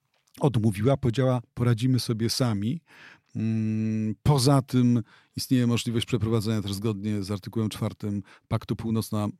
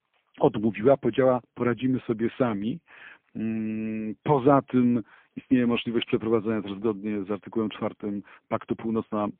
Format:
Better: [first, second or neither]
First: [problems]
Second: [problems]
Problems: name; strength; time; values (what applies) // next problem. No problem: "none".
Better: first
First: none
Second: phone-call audio; poor line; nothing above 3.5 kHz